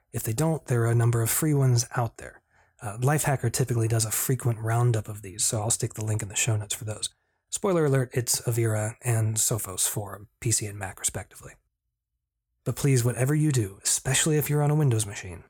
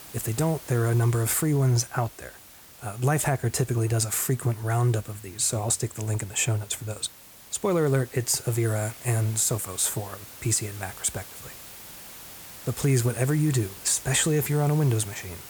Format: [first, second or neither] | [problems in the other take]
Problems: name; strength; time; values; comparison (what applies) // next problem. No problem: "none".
first | hiss; noticeable; throughout; 15 dB below the speech